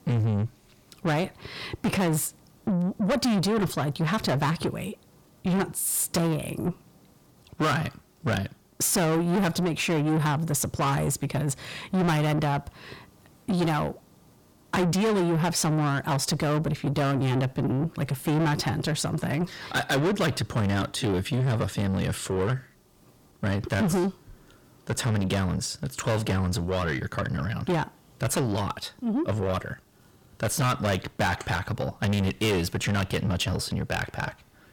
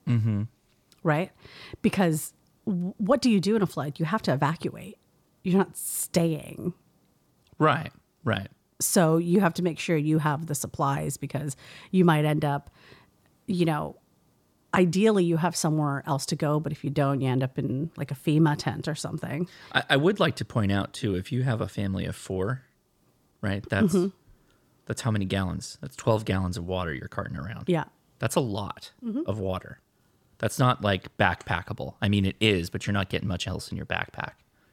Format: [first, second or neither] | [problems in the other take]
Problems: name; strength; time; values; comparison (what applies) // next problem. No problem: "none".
second | distortion; heavy; 6 dB below the speech